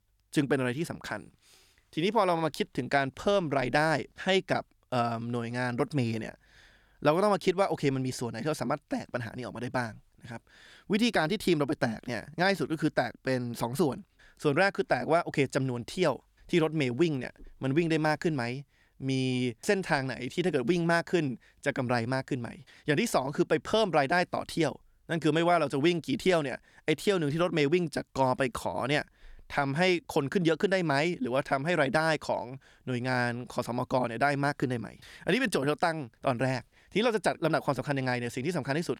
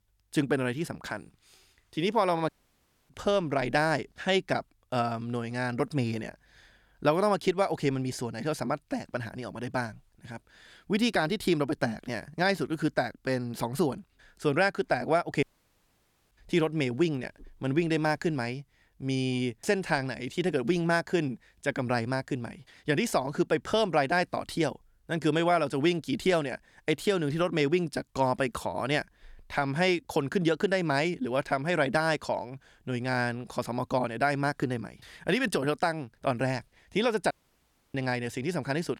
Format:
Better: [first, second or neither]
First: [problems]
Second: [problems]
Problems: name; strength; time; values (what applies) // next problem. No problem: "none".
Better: first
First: none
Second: audio cutting out; at 2.5 s for 0.5 s, at 15 s for 1 s and at 37 s for 0.5 s